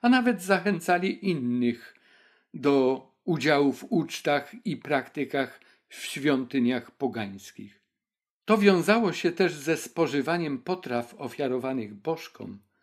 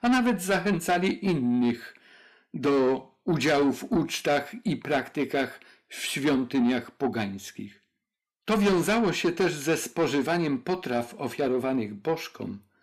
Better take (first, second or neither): first